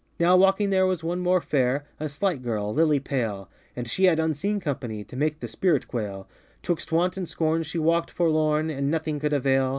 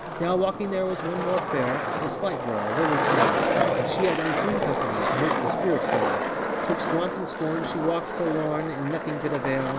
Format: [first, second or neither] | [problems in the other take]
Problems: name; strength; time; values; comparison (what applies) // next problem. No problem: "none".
first | background sound (Skateboard); 2 dB above the speech